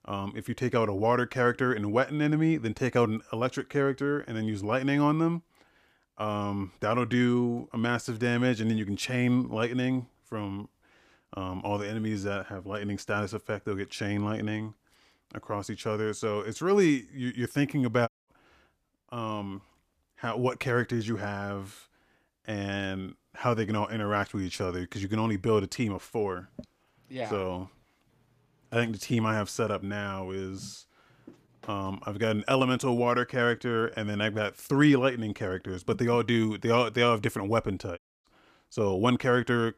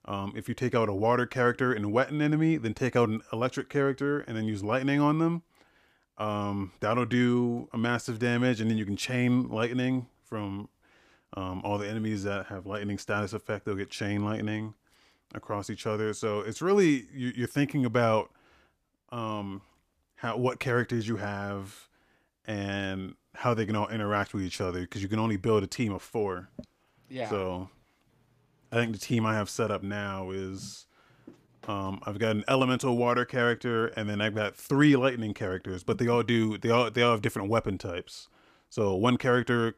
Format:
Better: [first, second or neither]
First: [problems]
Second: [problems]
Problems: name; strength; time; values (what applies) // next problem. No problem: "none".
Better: second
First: audio cutting out; at 18 s and at 38 s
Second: none